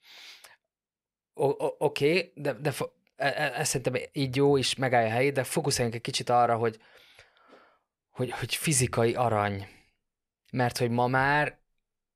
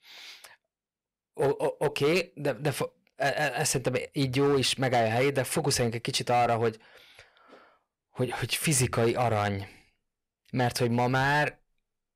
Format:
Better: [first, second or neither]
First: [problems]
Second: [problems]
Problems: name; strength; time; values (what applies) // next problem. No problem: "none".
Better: first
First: none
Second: distortion; slight; 6% of the sound clipped